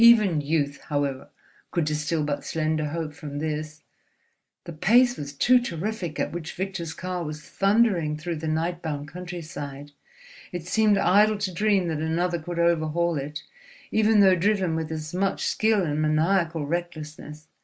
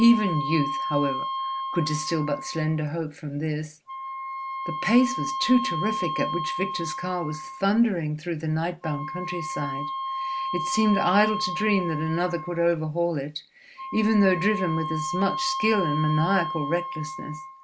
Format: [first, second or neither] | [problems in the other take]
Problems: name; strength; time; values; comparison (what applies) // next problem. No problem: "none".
first | background sound (Wind instrument, woodwind instrument); 6 dB below the speech